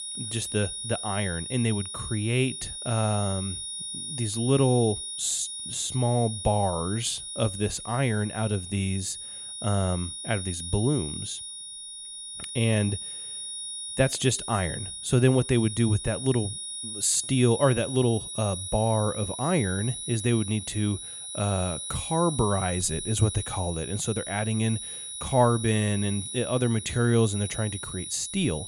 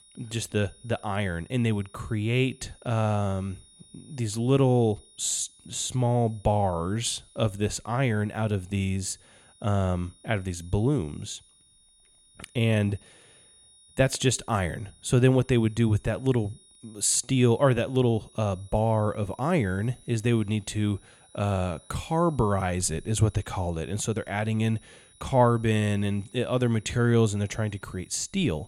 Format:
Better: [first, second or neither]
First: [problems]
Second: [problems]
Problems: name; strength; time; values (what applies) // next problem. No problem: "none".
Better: second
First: high-pitched whine; loud; throughout; 9.5 kHz, 7 dB below the speech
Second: high-pitched whine; faint; throughout; 9.5 kHz, 30 dB below the speech